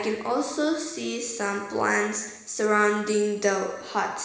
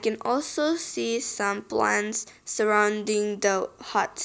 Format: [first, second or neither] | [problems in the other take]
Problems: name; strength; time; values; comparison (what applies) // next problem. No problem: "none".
second | room echo; dies away in 1.1 s